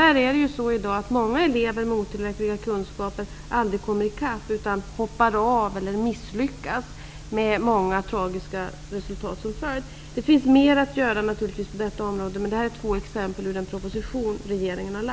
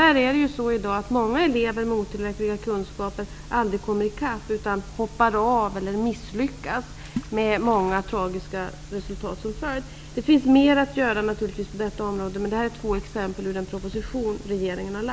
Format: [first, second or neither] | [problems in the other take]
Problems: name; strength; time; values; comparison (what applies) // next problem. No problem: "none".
first | background sound (Water / Splash, splatter); 15 dB below the speech